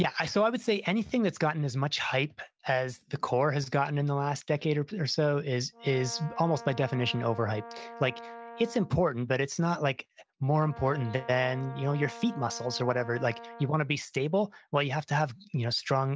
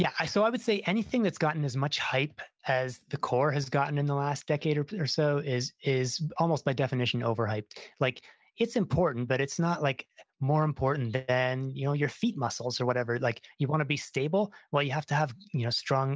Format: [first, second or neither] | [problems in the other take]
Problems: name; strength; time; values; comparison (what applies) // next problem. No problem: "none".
second | background sound (Brass instrument); 16 dB below the speech